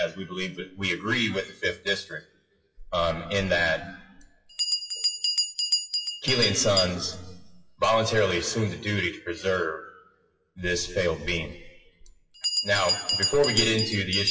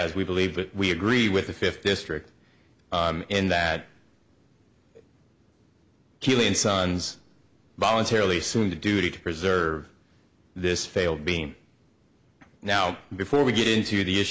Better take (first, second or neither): second